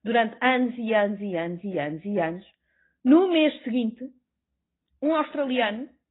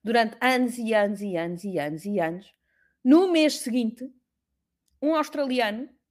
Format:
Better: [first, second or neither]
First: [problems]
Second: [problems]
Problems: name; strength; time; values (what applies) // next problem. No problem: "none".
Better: second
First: garbled, watery; badly; nothing above 3.5 kHz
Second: none